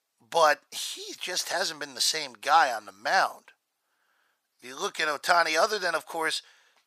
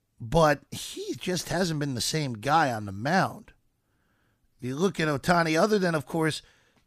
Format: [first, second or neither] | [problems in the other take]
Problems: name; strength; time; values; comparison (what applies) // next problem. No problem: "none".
second | thin; very; fading below 800 Hz